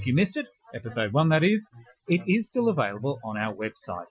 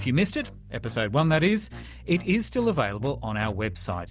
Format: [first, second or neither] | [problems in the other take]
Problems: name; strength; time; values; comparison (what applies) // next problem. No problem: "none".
second | noise reduction (classical method Wiener filter)